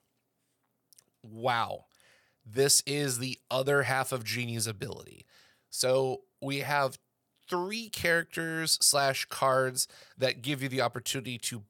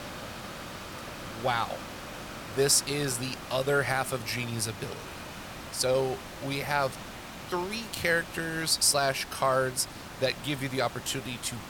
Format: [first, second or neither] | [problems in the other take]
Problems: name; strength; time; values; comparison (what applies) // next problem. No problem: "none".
first | hiss; noticeable; throughout; 10 dB below the speech